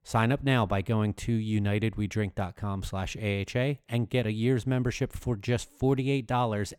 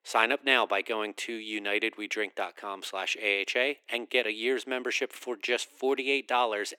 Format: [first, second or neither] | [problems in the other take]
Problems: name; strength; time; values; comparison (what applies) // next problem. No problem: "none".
first | thin; very; fading below 300 Hz